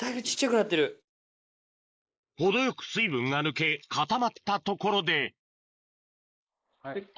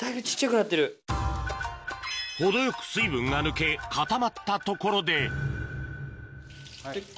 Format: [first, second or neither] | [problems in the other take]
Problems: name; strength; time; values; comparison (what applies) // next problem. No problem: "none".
second | noise reduction (neural mask model Resemble Enhance denoiser)